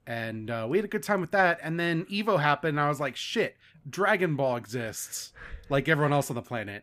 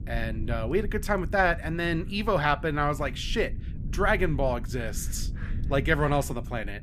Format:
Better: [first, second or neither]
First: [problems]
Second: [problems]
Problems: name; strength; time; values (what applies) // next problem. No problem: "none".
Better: first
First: none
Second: low rumble; faint; throughout; 20 dB below the speech